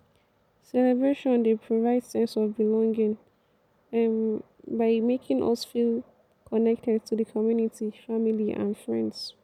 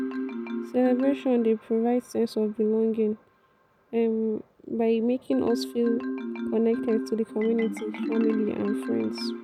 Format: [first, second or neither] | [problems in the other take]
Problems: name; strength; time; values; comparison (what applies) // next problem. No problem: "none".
first | background sound (Marimba, xylophone); 8 dB below the speech